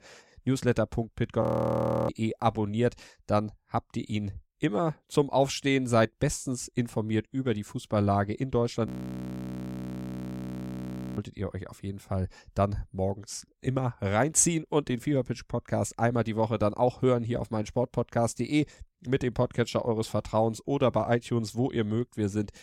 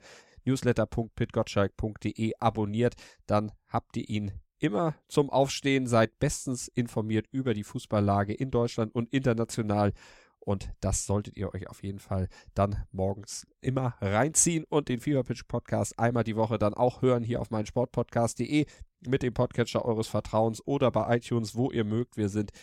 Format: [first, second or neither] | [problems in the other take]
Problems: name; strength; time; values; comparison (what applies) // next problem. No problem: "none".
second | audio freezing; at 1.5 s for 0.5 s and at 9 s for 2.5 s